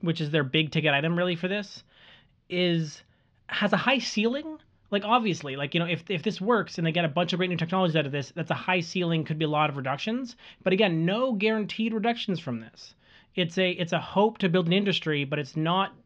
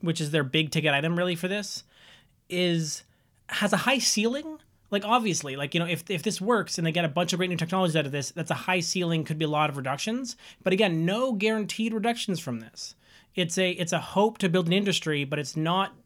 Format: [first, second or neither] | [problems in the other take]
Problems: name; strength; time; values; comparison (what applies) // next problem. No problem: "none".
second | muffled; slightly; fading above 4 kHz